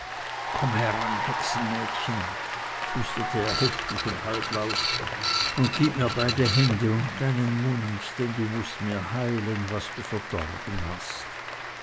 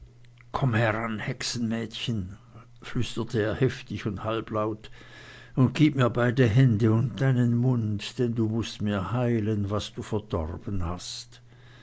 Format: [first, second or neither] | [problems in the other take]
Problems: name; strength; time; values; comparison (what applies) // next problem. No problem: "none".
second | background sound (Applause / Cheering + Printer); 3 dB below the speech